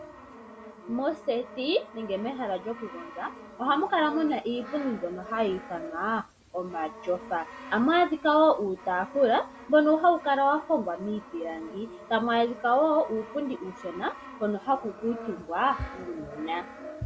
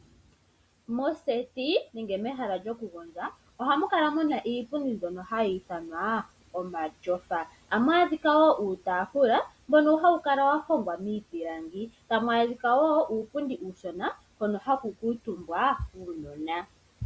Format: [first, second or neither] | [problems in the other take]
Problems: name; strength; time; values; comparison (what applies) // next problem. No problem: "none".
second | background sound (Brass instrument); 16 dB below the speech